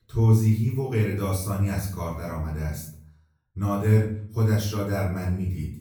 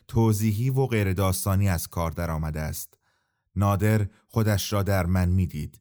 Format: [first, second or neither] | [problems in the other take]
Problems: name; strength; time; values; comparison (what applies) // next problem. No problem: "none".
second | off-mic speech; far // room echo; noticeable; dies away in 0.5 s